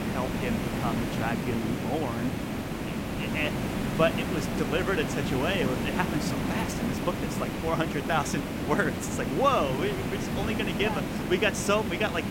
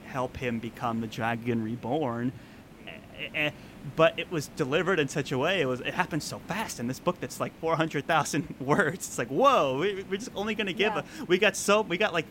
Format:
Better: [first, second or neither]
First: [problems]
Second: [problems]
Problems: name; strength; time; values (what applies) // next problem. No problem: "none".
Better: second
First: hiss; loud; throughout; 1 dB below the speech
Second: hiss; faint; throughout; 20 dB below the speech